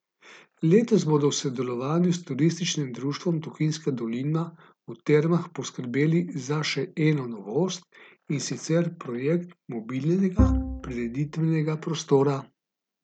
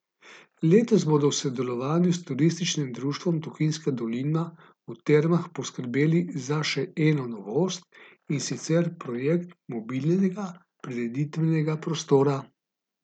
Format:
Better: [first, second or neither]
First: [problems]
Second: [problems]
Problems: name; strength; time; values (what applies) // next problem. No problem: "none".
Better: second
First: background sound (Bowed string instrument); 1 dB below the speech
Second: none